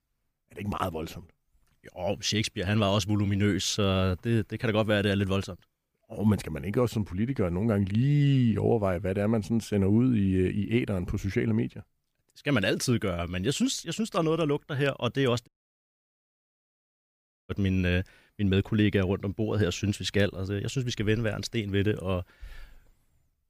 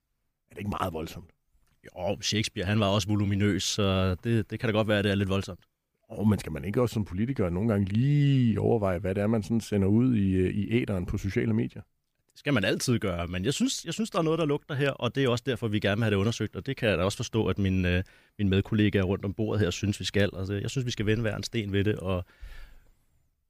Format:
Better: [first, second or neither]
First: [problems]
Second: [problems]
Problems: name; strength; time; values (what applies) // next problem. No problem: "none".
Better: second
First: audio cutting out; at 15 s for 2 s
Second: none